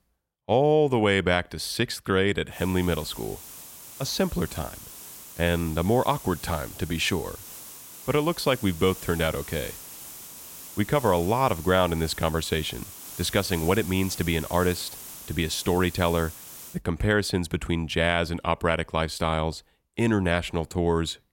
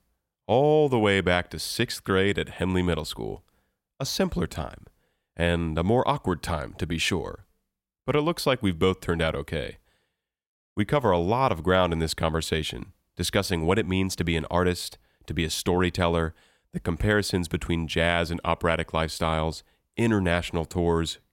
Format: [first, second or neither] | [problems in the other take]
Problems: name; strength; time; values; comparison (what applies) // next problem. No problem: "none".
second | hiss; noticeable; from 2.5 to 17 s; 15 dB below the speech